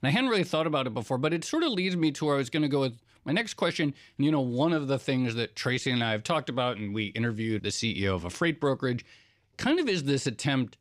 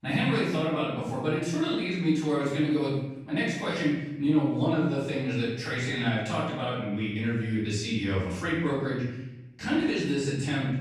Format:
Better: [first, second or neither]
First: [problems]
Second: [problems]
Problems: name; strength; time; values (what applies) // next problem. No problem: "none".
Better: first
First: none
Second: off-mic speech; far // room echo; noticeable; dies away in 0.9 s